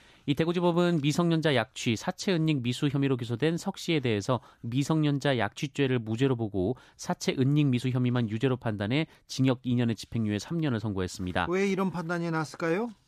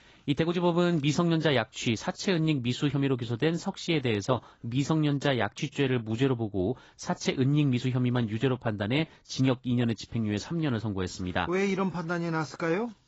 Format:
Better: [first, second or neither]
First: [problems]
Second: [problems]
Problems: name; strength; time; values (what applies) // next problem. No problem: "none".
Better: first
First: none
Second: garbled, watery; badly; nothing above 7.5 kHz